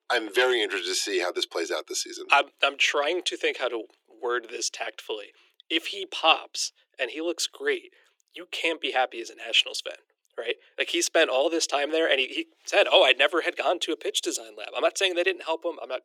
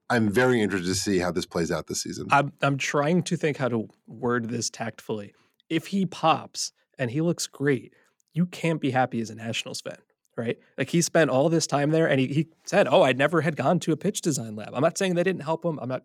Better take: second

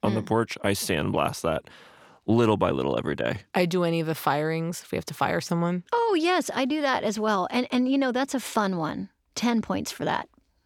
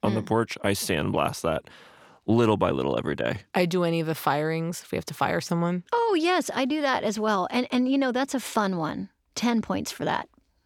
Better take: neither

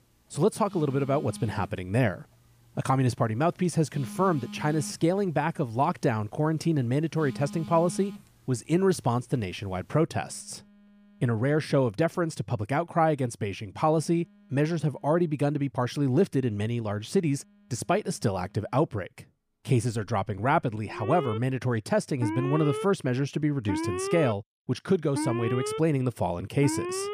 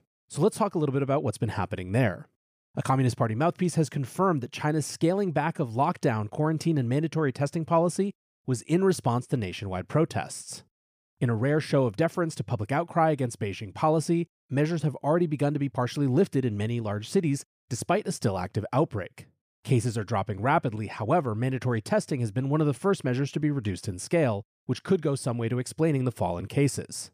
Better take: second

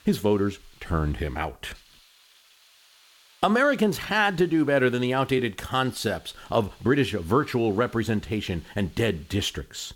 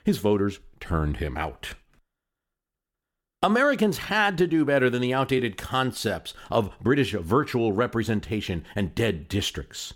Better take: second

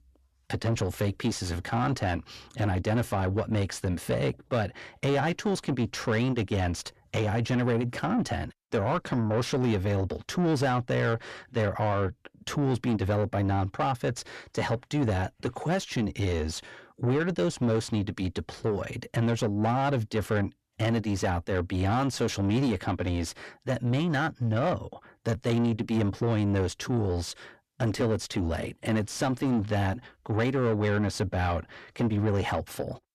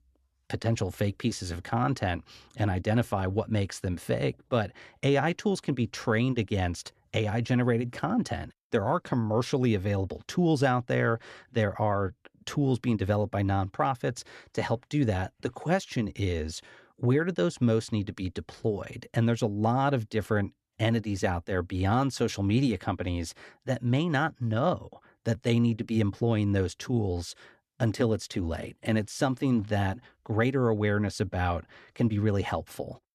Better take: second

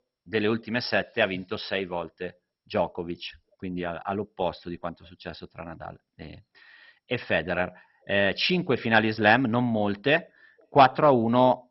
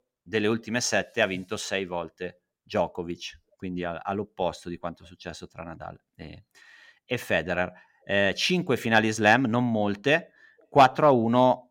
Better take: second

